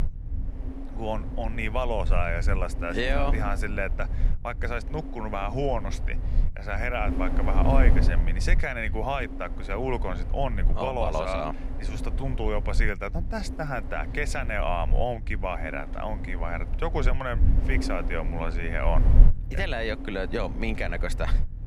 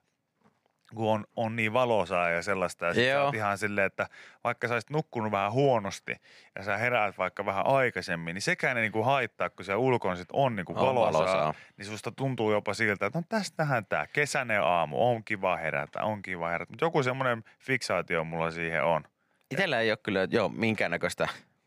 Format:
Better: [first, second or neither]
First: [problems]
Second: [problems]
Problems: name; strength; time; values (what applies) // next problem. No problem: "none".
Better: second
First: wind noise on the microphone; occasional gusts; 10 dB below the speech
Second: none